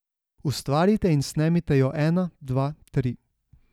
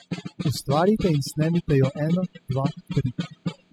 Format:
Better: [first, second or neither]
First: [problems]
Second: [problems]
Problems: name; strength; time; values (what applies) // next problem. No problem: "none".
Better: first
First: none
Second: noise reduction (classical method spectral subtraction)